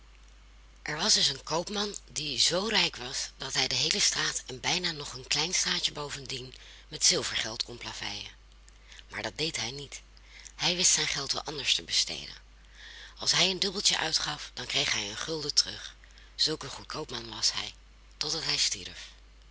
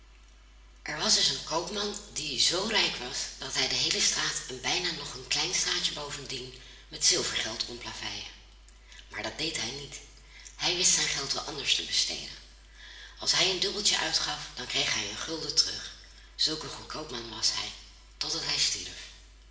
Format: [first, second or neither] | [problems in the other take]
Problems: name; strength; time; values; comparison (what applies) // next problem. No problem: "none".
first | room echo; dies away in 1.1 s